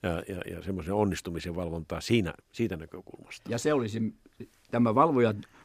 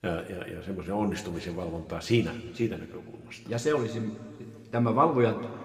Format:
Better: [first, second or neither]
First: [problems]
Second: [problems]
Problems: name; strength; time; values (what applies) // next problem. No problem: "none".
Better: first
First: none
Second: room echo; slight; dies away in 1.7 s